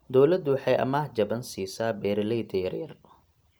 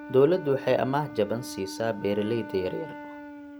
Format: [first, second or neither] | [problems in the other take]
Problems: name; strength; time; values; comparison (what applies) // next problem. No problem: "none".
first | background sound (Wind instrument, woodwind instrument); 13 dB below the speech